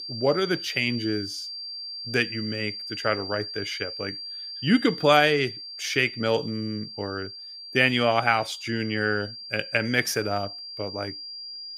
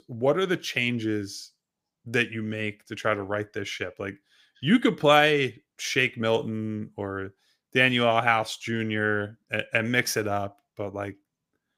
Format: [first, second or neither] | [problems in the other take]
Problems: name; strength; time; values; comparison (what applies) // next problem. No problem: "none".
second | high-pitched whine; loud; throughout; 4.5 kHz, 9 dB below the speech